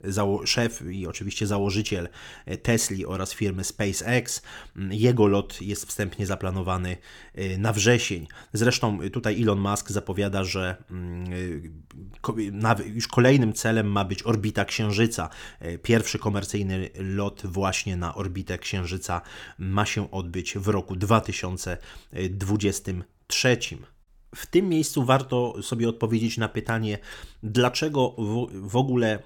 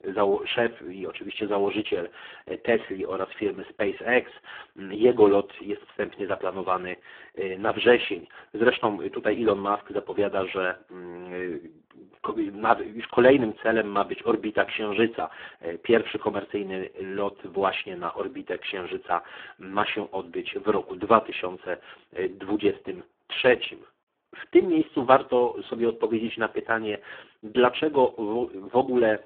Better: first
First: none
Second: phone-call audio; poor line

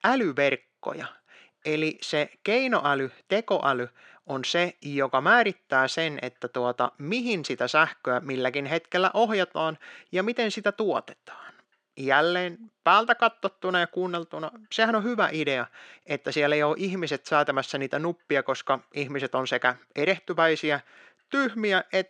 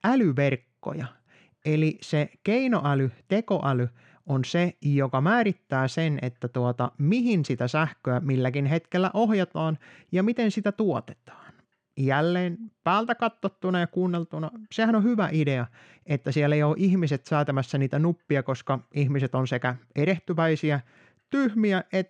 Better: second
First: thin; somewhat; fading below 400 Hz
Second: none

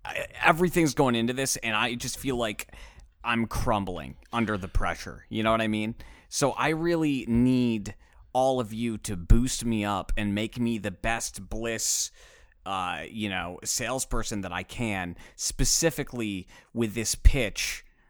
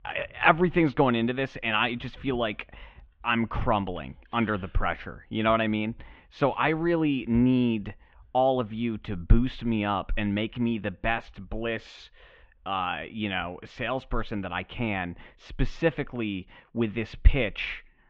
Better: first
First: none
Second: muffled; very; fading above 3 kHz

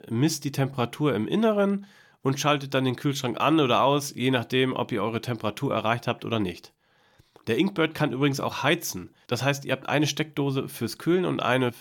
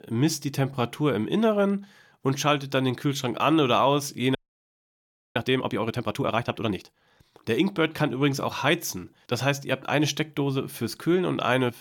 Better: first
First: none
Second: audio freezing; at 4.5 s for 1 s

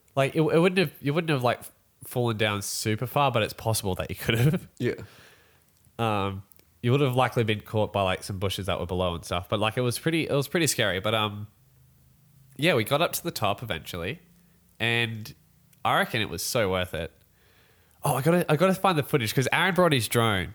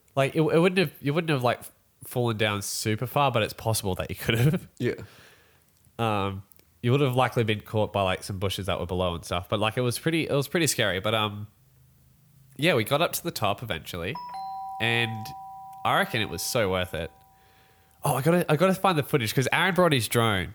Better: first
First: none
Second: doorbell; faint; from 14 to 17 s; peak 10 dB below the speech

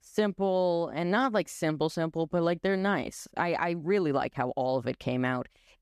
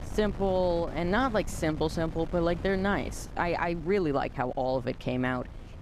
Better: first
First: none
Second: wind noise on the microphone; occasional gusts; 20 dB below the speech

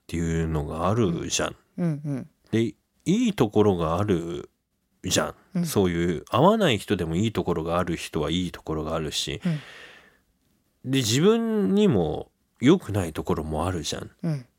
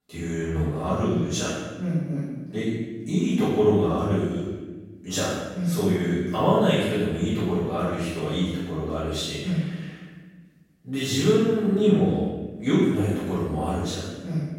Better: first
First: none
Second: off-mic speech; far // room echo; strong; dies away in 1.2 s

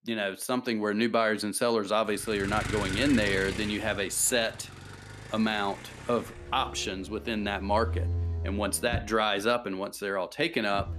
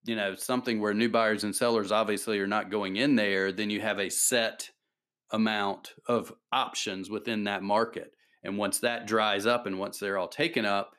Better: second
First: traffic noise; loud; from 2.5 s on; 9 dB below the speech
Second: none

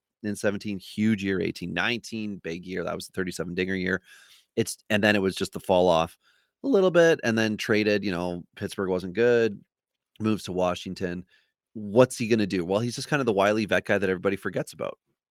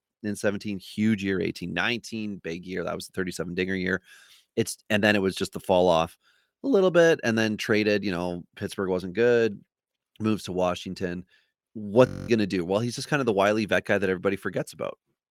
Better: first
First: none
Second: audio freezing; at 12 s

